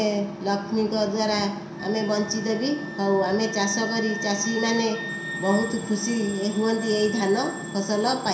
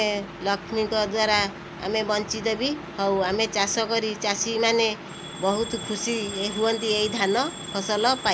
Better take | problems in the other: second | background sound (Wind instrument, woodwind instrument); 13 dB below the speech // room echo; dies away in 0.7 s

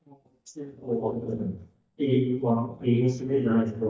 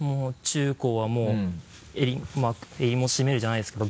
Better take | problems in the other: second | noise reduction (neural mask model DeepFilterNet 3)

